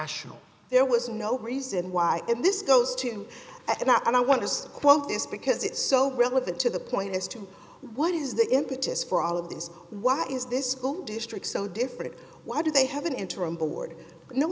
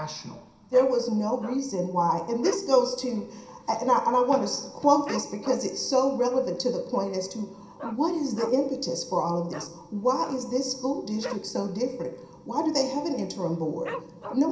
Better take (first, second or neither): first